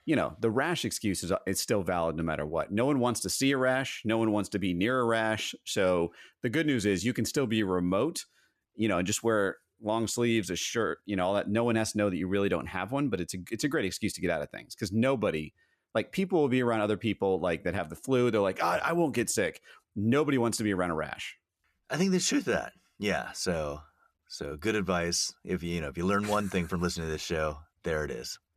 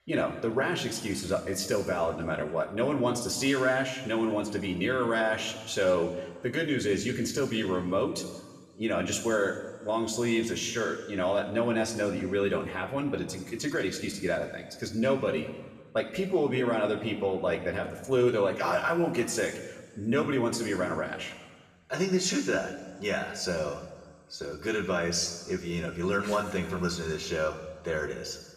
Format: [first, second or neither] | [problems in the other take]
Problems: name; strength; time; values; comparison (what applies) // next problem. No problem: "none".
first | room echo; slight; dies away in 1.3 s // off-mic speech; somewhat distant